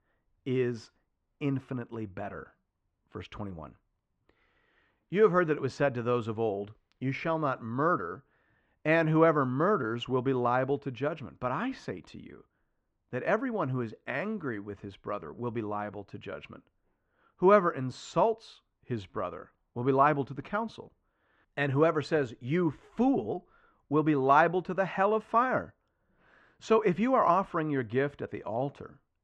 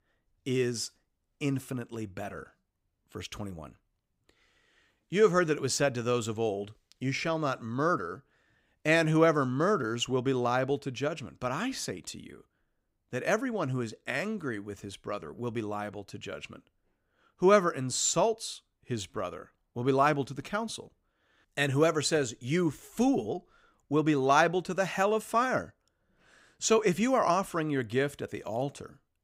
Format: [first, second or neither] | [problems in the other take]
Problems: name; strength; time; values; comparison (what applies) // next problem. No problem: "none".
second | muffled; very; fading above 2 kHz